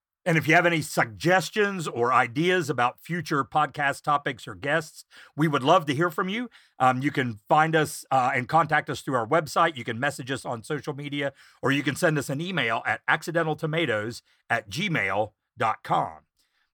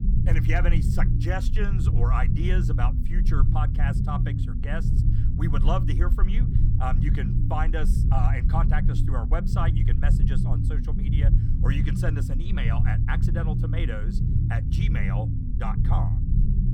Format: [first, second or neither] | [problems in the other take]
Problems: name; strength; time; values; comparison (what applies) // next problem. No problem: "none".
first | low rumble; loud; throughout; 4 dB below the speech